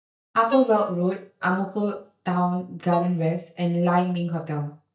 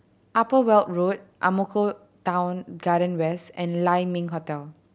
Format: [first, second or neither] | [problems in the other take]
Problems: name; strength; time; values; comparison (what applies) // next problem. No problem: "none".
second | noise reduction (neural mask model DeepFilterNet 3)